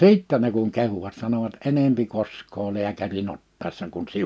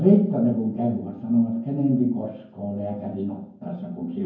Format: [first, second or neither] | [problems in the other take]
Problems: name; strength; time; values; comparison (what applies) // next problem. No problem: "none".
first | room echo; dies away in 0.9 s